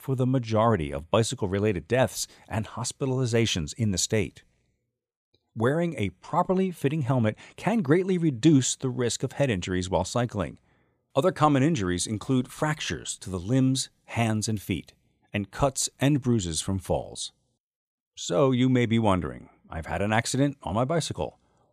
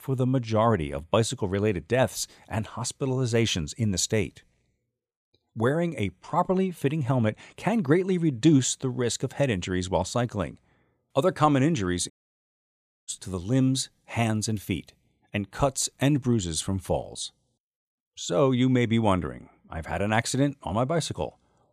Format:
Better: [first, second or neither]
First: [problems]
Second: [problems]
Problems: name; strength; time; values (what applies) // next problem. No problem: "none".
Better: first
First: none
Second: audio cutting out; at 12 s for 1 s